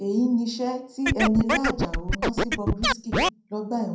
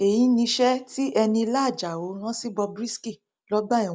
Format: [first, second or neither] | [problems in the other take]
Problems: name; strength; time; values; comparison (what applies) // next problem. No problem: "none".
second | background sound (Scratching (performance technique)); 2 dB above the speech // room echo; dies away in 0.6 s